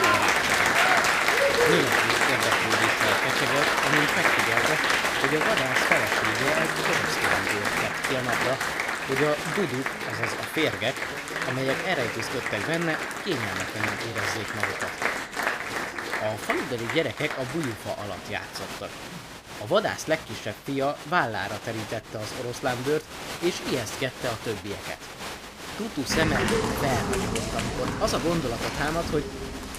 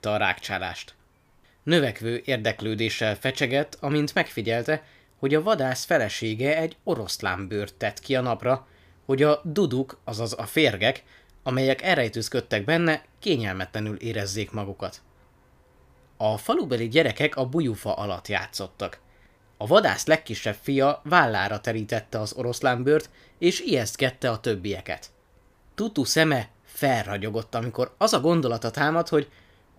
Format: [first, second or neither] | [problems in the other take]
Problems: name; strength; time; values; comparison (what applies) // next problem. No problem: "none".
second | crowd noise; very loud; throughout; 5 dB above the speech